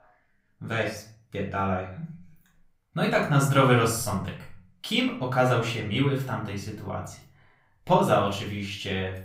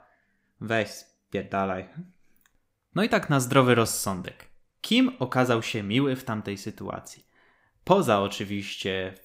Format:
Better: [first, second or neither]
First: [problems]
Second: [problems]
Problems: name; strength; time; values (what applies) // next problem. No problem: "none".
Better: second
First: off-mic speech; far // room echo; slight; dies away in 0.4 s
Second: none